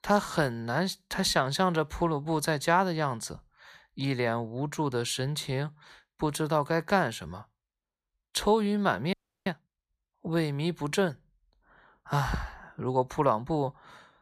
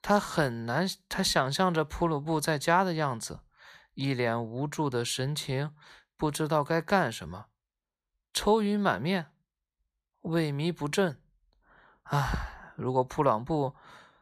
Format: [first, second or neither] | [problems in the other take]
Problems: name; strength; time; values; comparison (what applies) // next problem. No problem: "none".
second | audio freezing; at 9 s